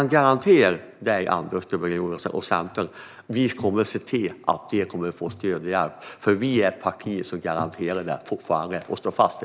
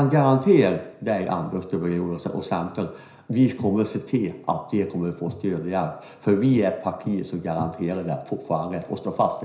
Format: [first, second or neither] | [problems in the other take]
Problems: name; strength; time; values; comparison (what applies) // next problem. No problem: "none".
first | room echo; dies away in 0.5 s